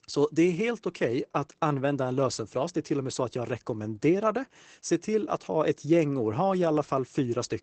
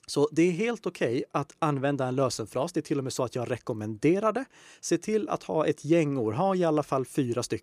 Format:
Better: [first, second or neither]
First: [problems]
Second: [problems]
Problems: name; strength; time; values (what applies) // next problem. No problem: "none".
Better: second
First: garbled, watery; badly; nothing above 8 kHz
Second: none